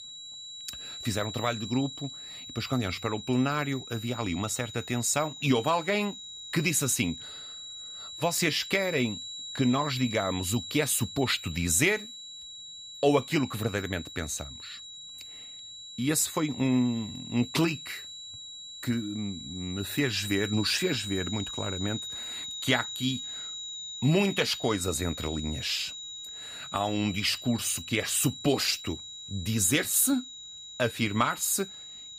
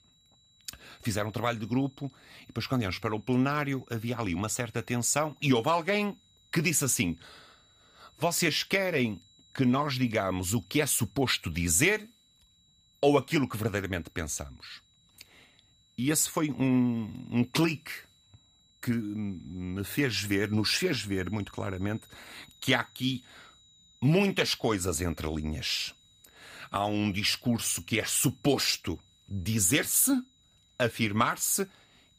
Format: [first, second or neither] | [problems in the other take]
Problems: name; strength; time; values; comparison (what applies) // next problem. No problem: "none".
second | high-pitched whine; loud; throughout; 4 kHz, 10 dB below the speech; faint in the second